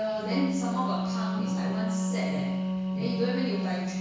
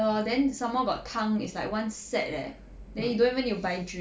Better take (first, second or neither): second